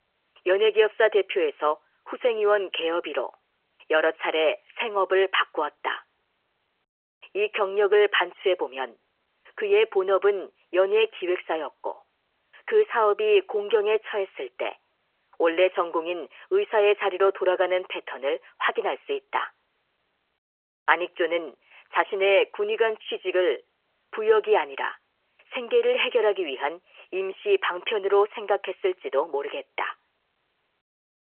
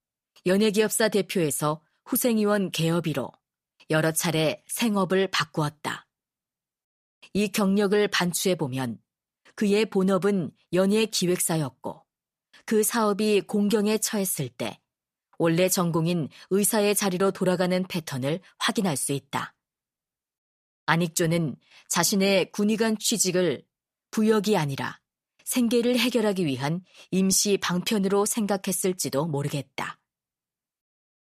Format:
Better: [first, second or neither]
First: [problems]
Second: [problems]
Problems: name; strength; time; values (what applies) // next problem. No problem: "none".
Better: second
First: phone-call audio; nothing above 3 kHz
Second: none